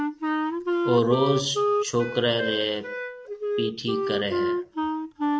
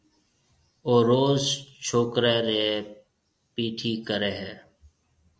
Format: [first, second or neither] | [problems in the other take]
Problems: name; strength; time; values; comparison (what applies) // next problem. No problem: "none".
second | background sound (Wind instrument, woodwind instrument); as loud as the speech